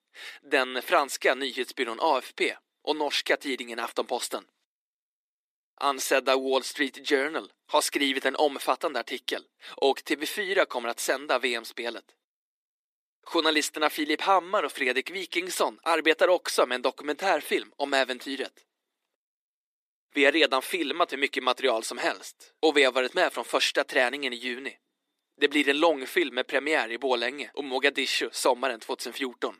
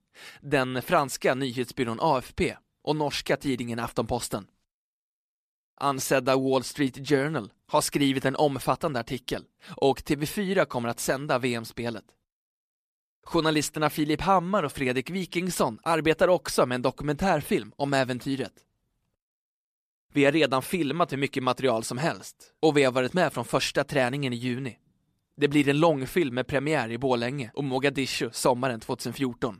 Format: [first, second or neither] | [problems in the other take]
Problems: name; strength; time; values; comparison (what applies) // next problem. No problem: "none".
second | thin; somewhat; fading below 300 Hz